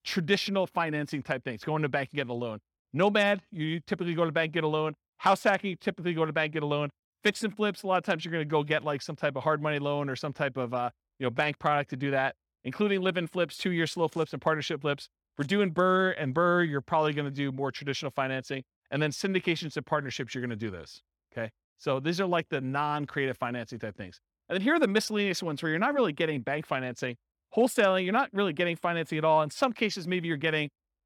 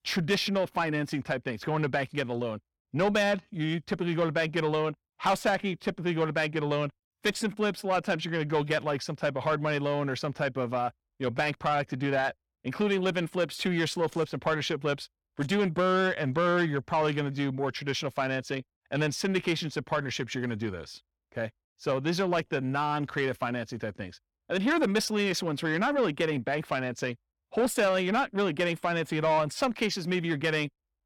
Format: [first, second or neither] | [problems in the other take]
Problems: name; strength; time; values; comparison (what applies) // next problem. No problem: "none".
first | distortion; slight; 10 dB below the speech